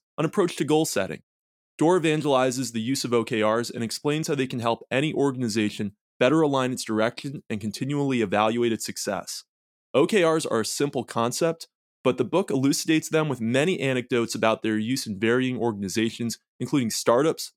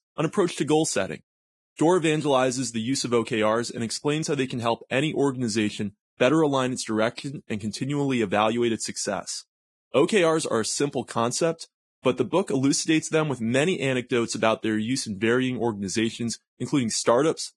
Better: first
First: none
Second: garbled, watery; badly; nothing above 10 kHz

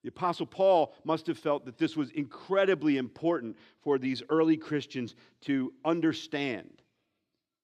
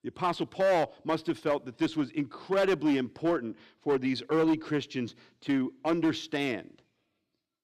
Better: first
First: none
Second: distortion; slight; 7% of the sound clipped

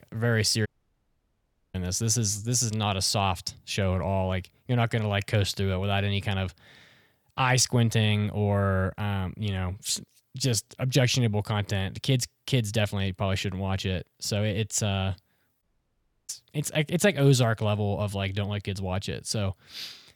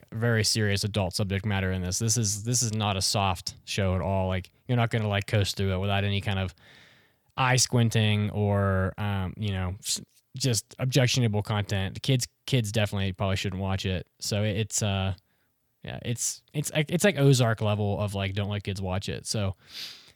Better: second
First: audio cutting out; at 0.5 s for 1 s and at 16 s for 0.5 s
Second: none

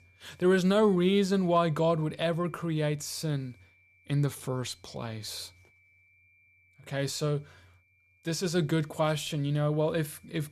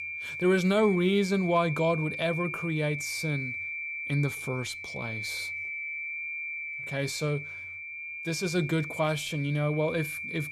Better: first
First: high-pitched whine; faint; throughout; 2.5 kHz, 35 dB below the speech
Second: high-pitched whine; loud; throughout; 2.5 kHz, 6 dB below the speech

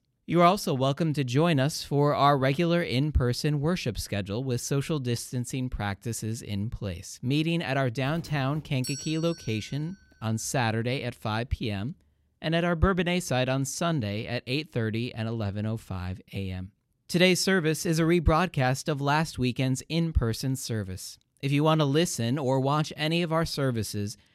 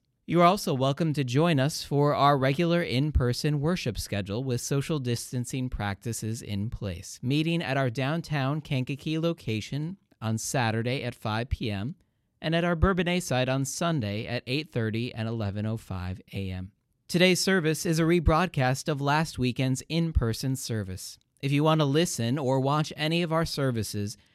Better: second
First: doorbell; noticeable; from 8 to 9.5 s; peak 9 dB below the speech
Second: none

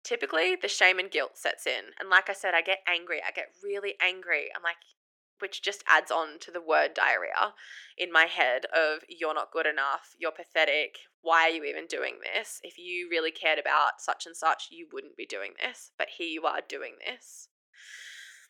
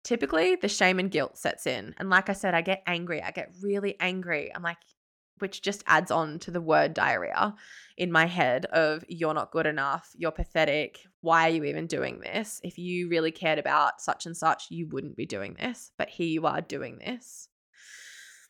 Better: second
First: thin; very; fading below 350 Hz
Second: none

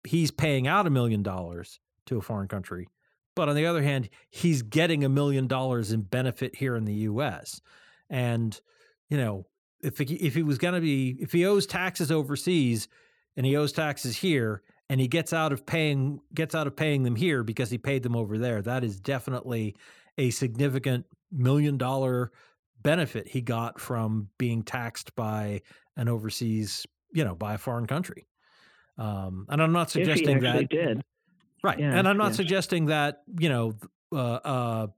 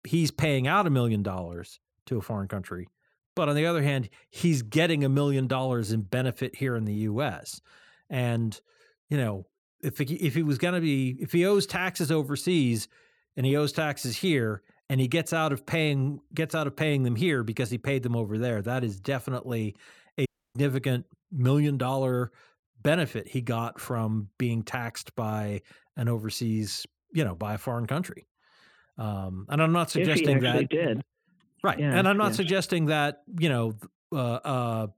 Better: first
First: none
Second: audio cutting out; at 20 s

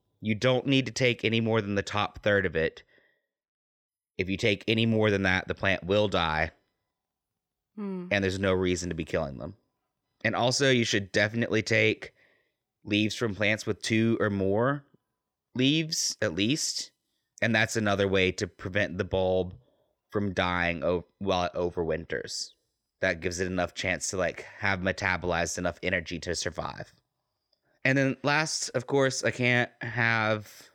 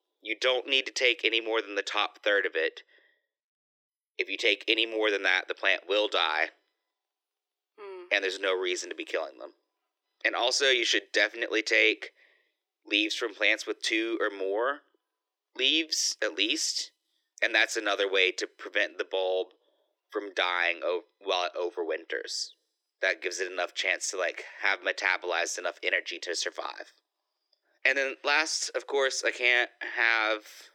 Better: first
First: none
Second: thin; very; fading below 300 Hz

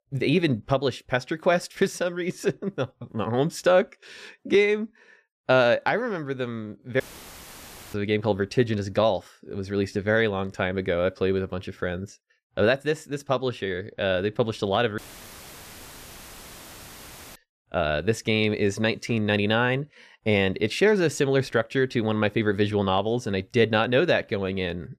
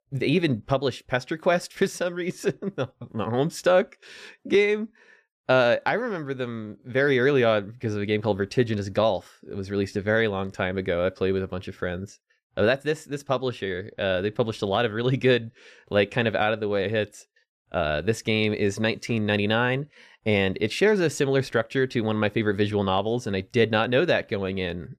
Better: second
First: audio cutting out; filled with static; at 7 s for 1 s and at 15 s for 2.5 s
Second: none

